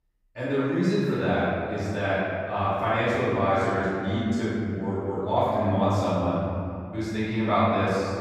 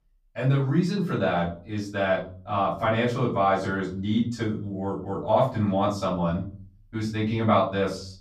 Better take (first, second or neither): second